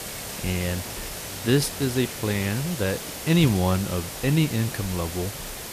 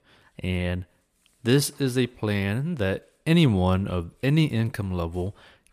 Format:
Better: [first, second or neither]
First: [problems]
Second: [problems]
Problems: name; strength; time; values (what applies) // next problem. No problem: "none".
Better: second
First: hiss; loud; throughout; 7 dB below the speech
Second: none